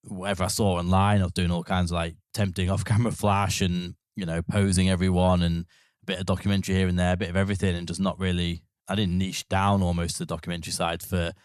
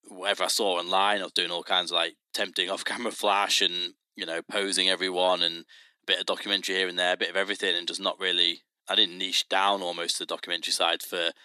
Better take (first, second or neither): first